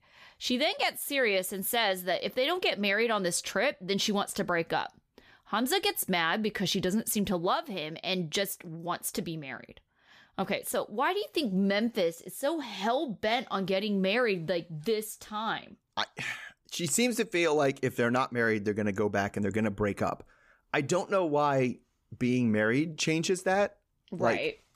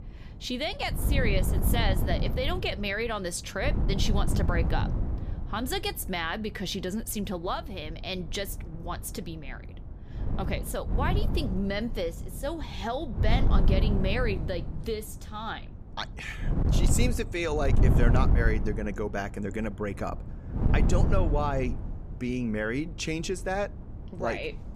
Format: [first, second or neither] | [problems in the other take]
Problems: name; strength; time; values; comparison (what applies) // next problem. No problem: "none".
first | wind noise on the microphone; heavy; 8 dB below the speech